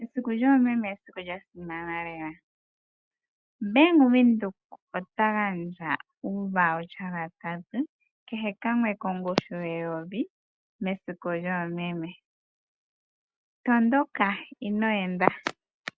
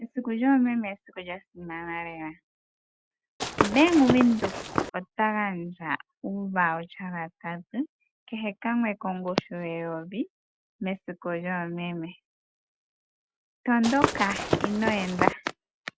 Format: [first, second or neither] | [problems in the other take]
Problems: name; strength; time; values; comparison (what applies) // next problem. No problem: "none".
first | background sound (Walk, footsteps / Run); as loud as the speech